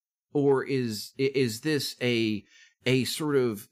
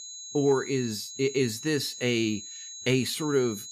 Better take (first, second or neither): first